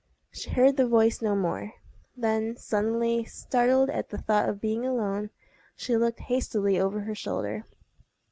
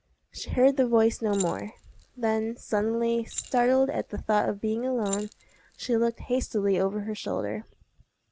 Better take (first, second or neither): first